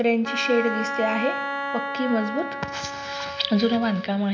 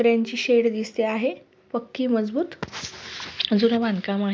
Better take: second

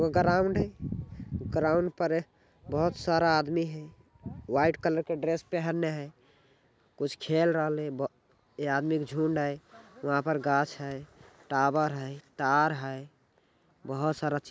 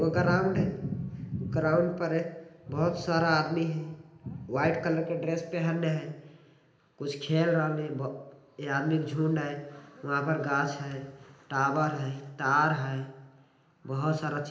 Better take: first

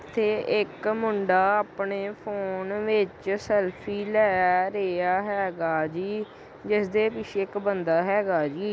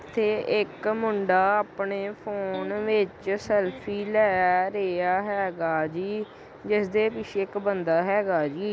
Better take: first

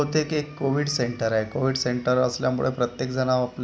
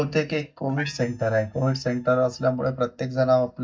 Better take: first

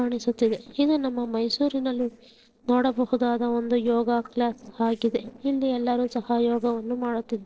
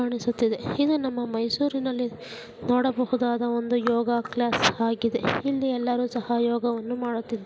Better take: second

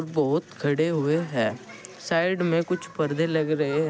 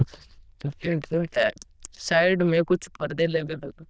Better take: first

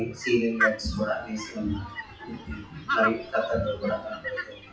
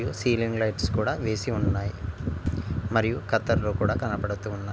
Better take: second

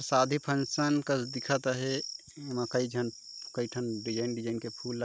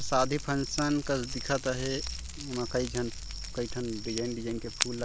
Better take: first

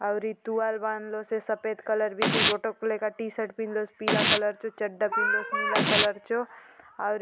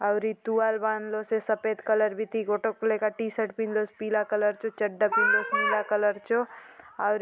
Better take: second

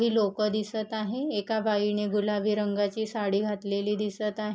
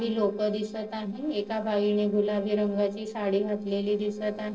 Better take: first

